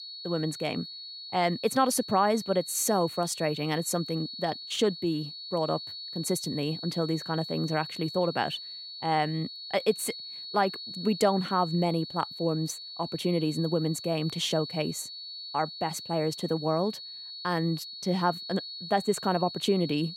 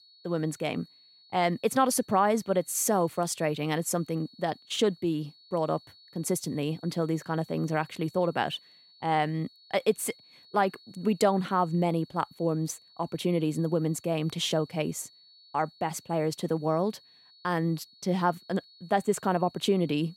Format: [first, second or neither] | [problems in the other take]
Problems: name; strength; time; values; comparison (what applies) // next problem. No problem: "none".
second | high-pitched whine; loud; throughout; 4.5 kHz, 9 dB below the speech; faint in the second